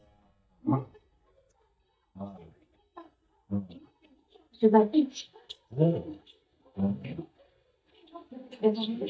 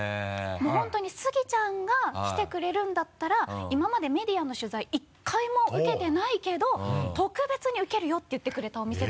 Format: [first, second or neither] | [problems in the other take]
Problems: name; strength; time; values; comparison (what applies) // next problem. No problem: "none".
second | noise reduction (neural mask model DeepFilterNet 3)